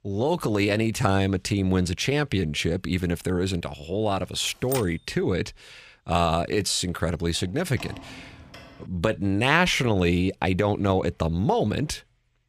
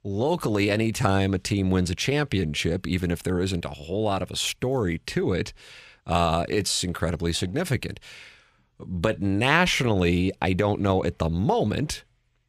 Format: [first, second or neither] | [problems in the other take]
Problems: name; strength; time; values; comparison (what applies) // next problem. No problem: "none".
second | keyboard typing; noticeable; at 4.5 s; peak 9 dB below the speech // door banging; faint; from 7.5 to 9 s; peak 15 dB below the speech